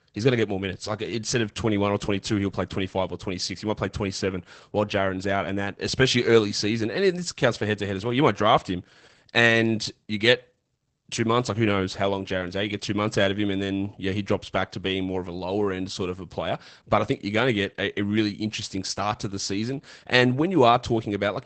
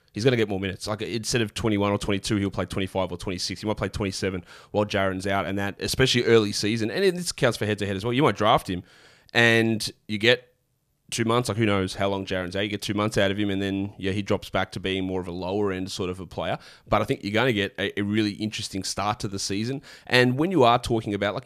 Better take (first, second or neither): second